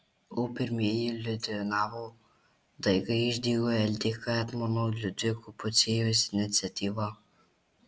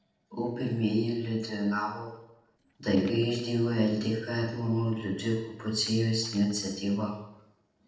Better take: first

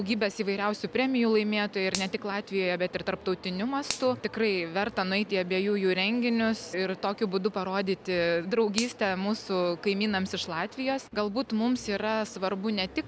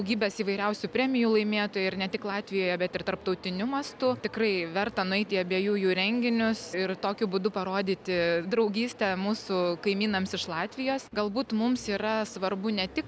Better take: second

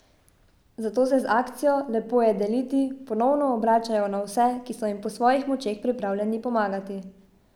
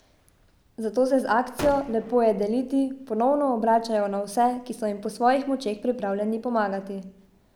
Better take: first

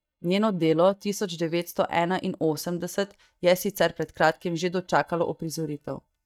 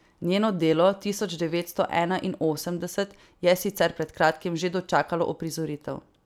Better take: second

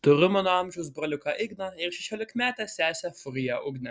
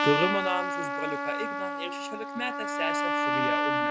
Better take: first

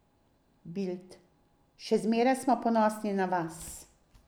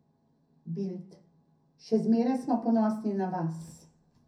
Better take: first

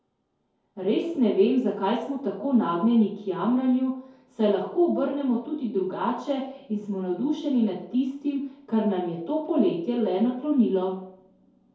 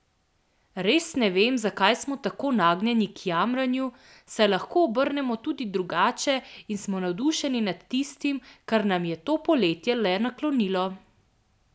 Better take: second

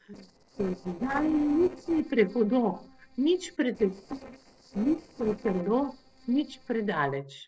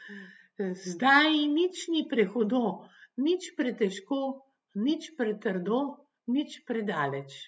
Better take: second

